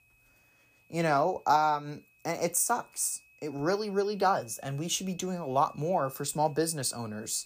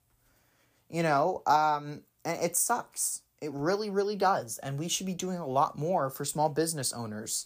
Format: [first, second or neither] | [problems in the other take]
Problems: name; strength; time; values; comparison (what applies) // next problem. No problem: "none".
second | high-pitched whine; faint; throughout; 2.5 kHz, 30 dB below the speech